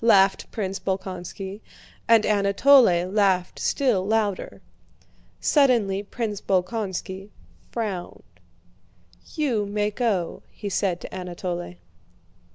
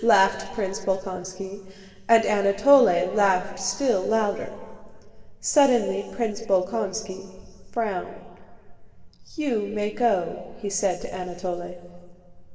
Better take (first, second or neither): first